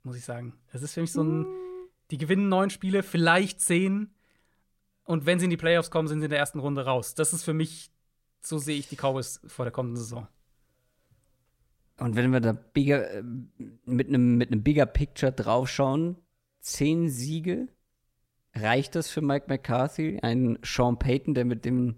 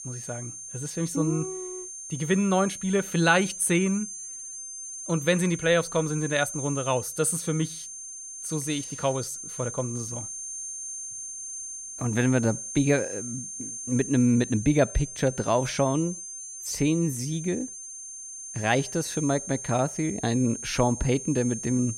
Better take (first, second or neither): first